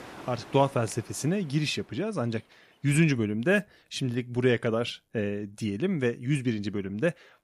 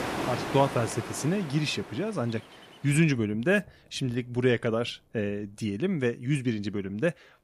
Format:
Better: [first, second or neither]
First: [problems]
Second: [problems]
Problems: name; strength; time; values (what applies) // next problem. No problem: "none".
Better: first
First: rain or running water; faint; throughout; 20 dB below the speech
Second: rain or running water; loud; throughout; 9 dB below the speech